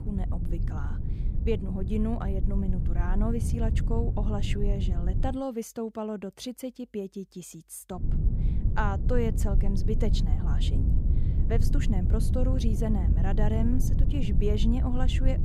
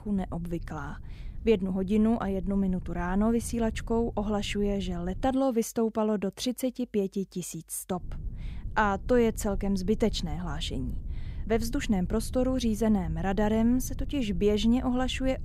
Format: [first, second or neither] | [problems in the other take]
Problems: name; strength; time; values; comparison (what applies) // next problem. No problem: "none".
second | low rumble; loud; until 5.5 s and from 8 s on; 7 dB below the speech; faint in the second